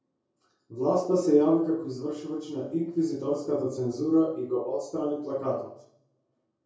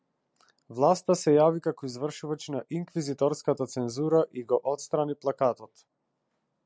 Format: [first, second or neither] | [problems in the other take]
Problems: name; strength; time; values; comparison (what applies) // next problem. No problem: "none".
second | room echo; dies away in 0.6 s